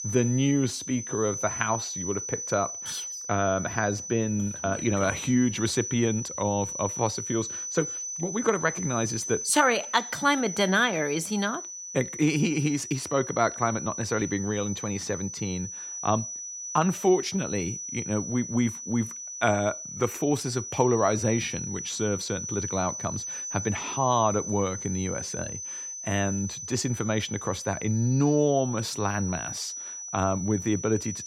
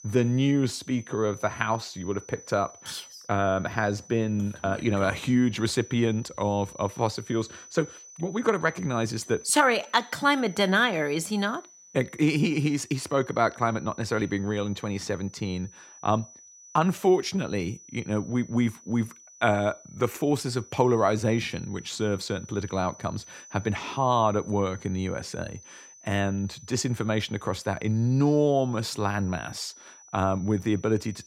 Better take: second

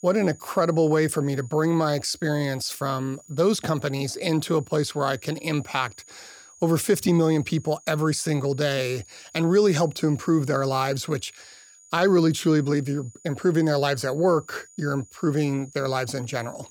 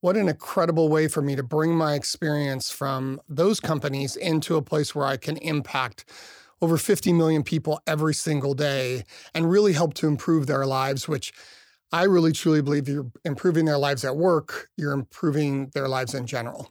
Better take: second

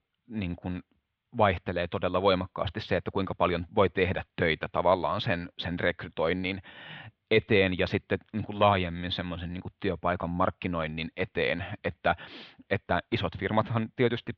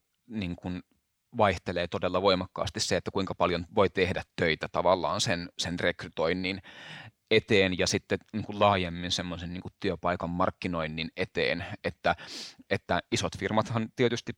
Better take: second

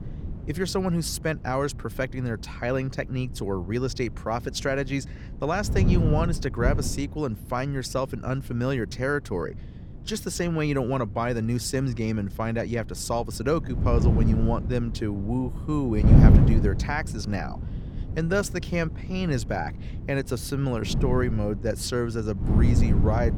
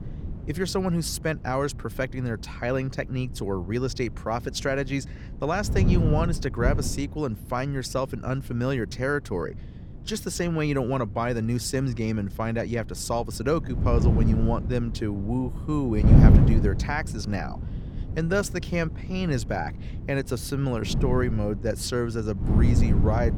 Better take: neither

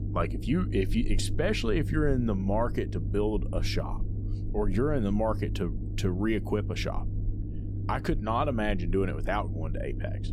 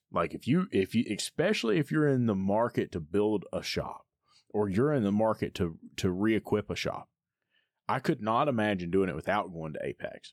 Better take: second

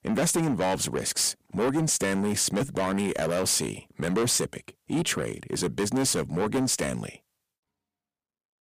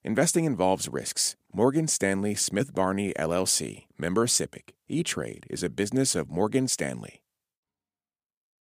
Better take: second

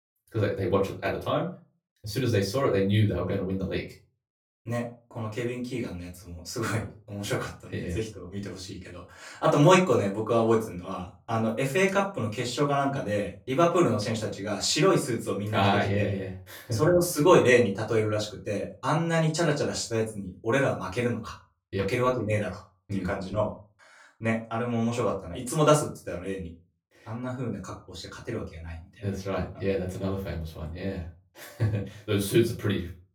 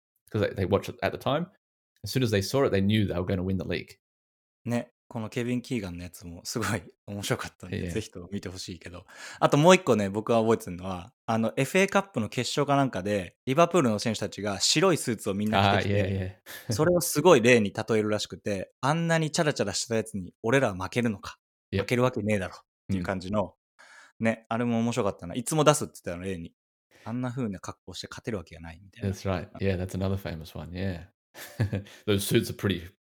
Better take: second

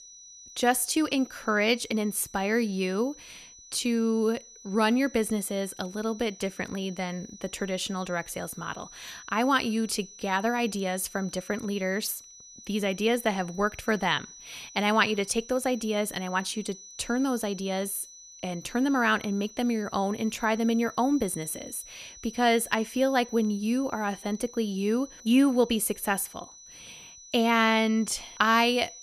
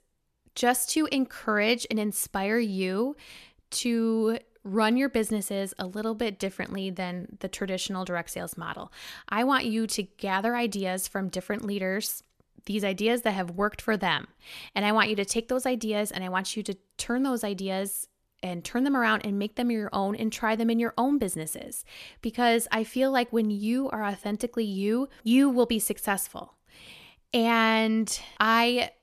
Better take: second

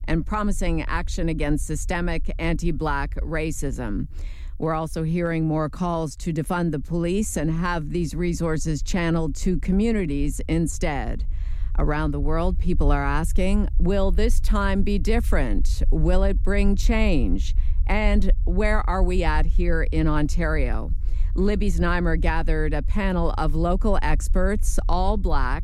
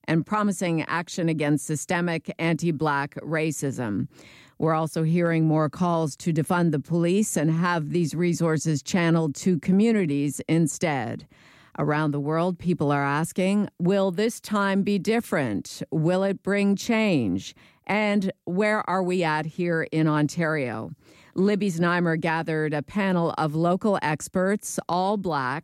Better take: second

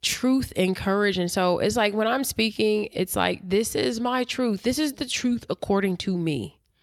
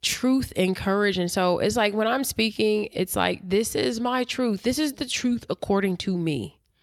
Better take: neither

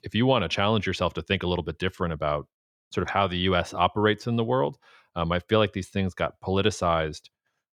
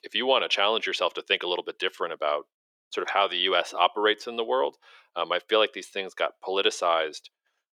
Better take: first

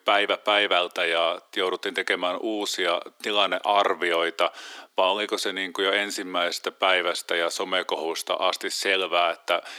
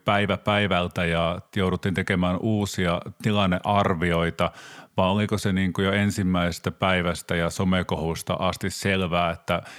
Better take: second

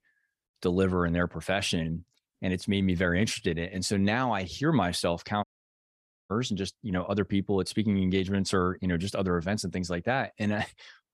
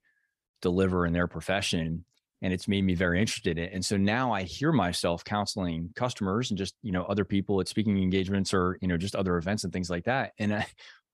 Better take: second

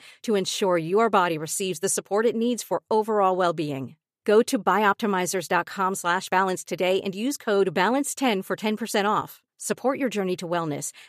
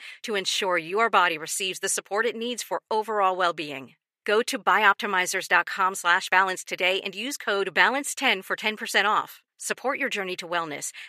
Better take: first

